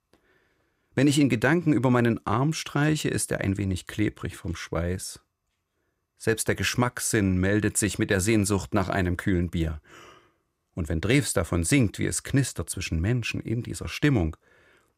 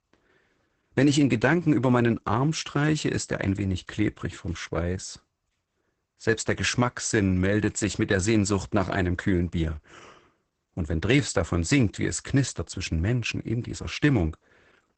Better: first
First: none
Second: garbled, watery; badly; nothing above 8 kHz

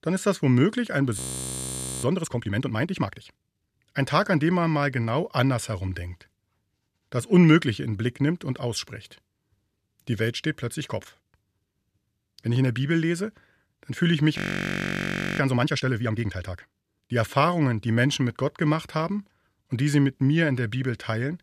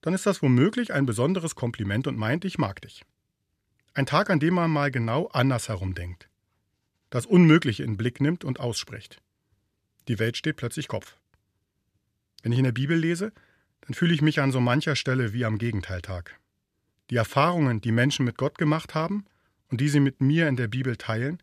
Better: second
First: audio freezing; at 1 s for 1 s and at 14 s for 1 s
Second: none

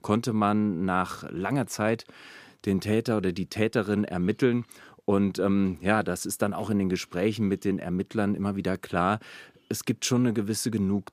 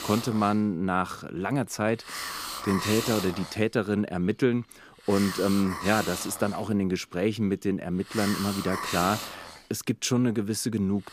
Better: first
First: none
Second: hiss; loud; throughout; 7 dB below the speech

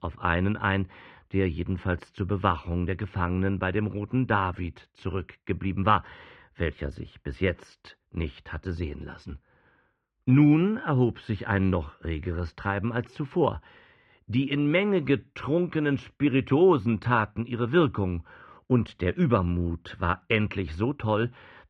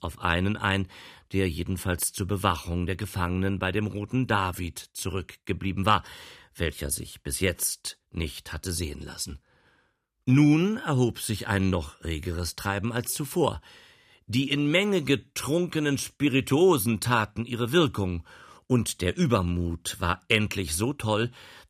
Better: second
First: muffled; very; fading above 2.5 kHz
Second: none

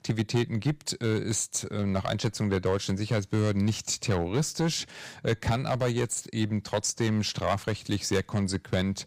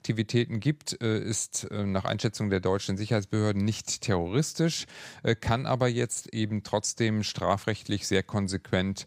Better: second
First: distortion; slight; 4% of the sound clipped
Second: none

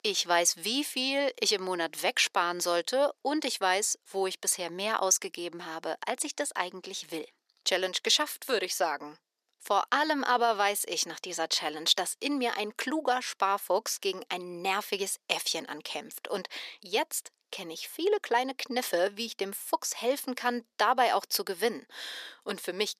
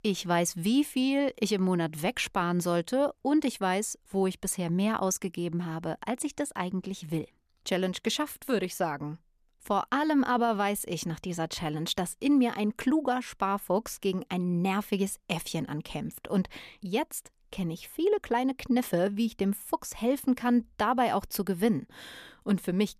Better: second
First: thin; somewhat; fading below 400 Hz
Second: none

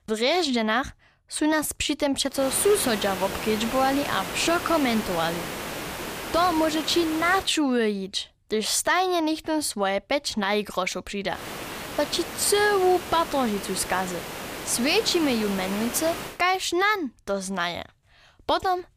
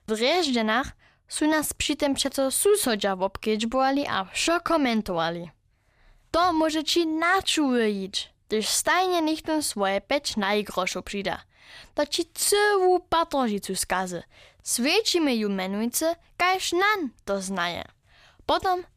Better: second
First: hiss; loud; from 2.5 to 7.5 s and from 11 to 16 s; 9 dB below the speech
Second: none

